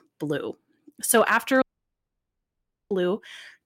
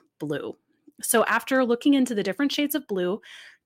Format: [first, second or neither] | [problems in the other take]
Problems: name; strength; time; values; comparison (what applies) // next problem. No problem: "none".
second | audio cutting out; at 1.5 s for 1.5 s